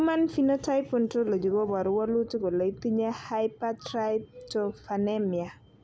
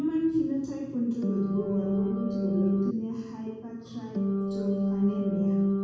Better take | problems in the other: first | background sound (Organ); 4 dB above the speech // room echo; dies away in 1.2 s

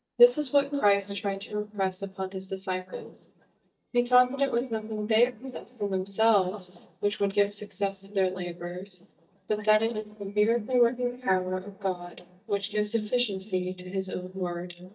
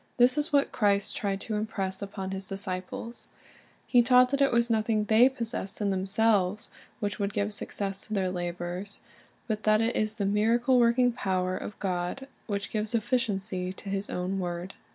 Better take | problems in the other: second | noise reduction (neural mask model DeepFilterNet 3)

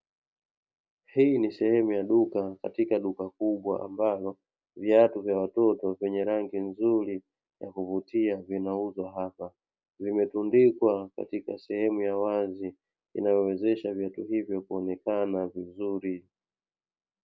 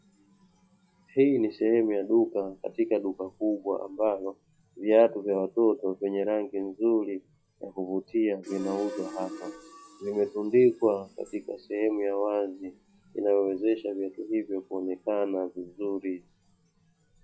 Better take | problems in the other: first | noise reduction (classical method log-MMSE)

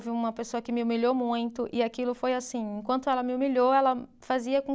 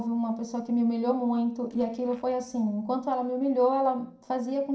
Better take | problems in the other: first | noise reduction (neural separator model SepFormer DNS4)

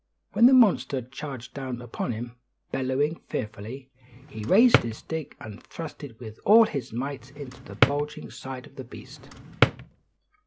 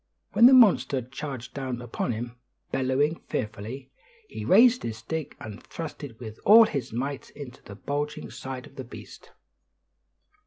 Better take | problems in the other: second | background sound (Drawer open or close); 2 dB below the speech

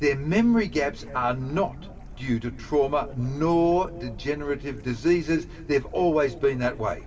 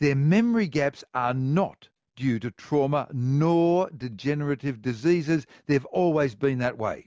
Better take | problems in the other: second | background sound (Stream / Bird); 16 dB below the speech // room echo; dies away in 2.5 s

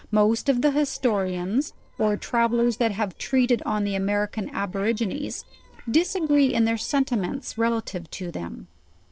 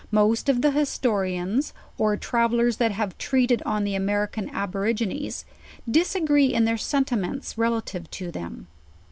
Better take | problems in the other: second | noise reduction (neural separator model SepFormer DNS4)

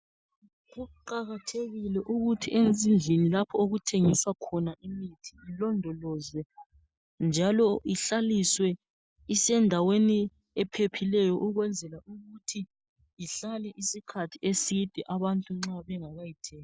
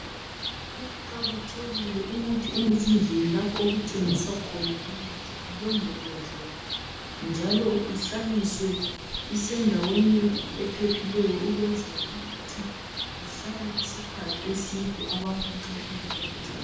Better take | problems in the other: first | background sound (Bird); 6 dB below the speech // room echo; dies away in 0.8 s

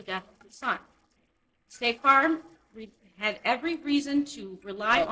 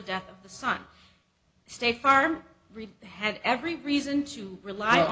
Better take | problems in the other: second | noise reduction (neural separator model SepFormer DNS4)

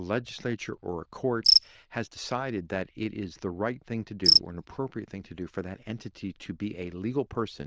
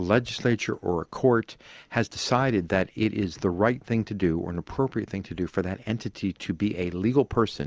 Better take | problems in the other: second | noise reduction (neural diffusion model UNIVERSE++)

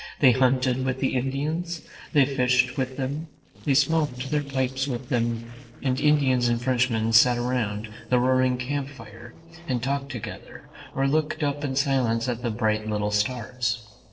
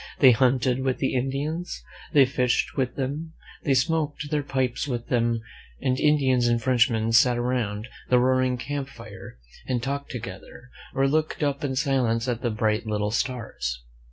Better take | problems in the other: second | noise reduction (neural separator model SepFormer DNS4)

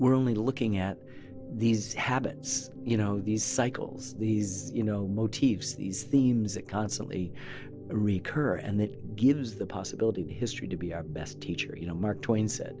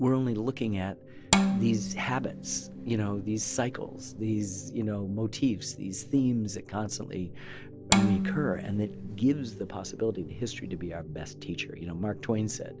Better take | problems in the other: first | background sound (Bowed string instrument); 1 dB below the speech

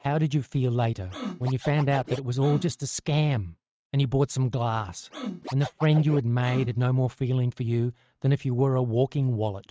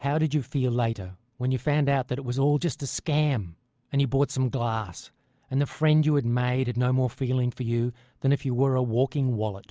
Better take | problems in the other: second | noise reduction (neural mask model RNNoise)

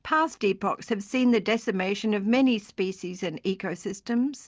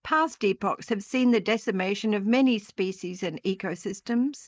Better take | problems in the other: first | noise reduction (neural mask model Resemble Enhance denoiser)

